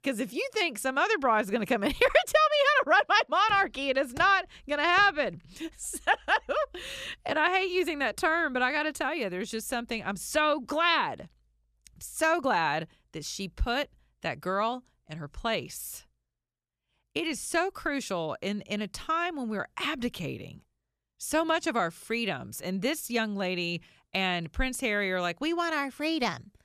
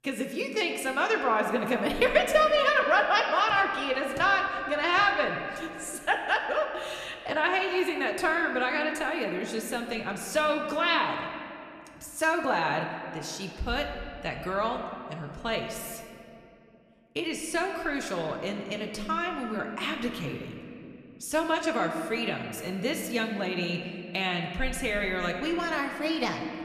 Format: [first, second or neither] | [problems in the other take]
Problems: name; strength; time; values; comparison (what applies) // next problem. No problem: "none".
first | room echo; slight; dies away in 2.2 s